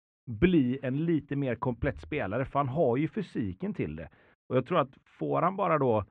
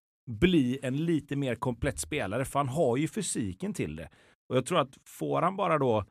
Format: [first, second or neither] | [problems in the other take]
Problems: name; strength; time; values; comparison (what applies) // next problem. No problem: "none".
second | muffled; very; fading above 2.5 kHz